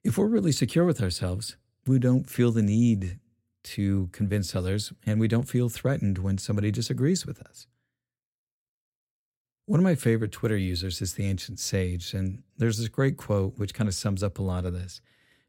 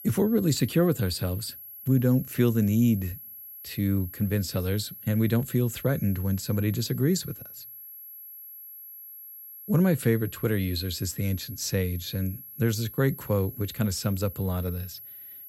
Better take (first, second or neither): first